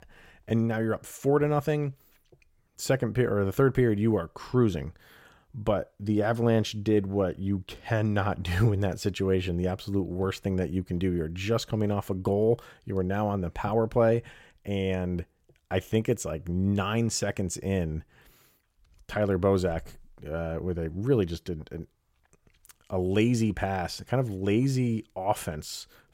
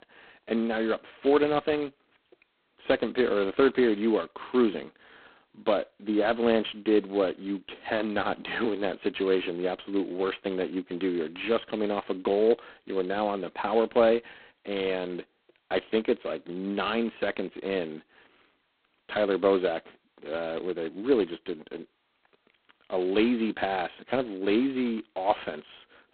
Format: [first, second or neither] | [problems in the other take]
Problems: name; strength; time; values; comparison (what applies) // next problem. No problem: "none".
first | phone-call audio; poor line; nothing above 4 kHz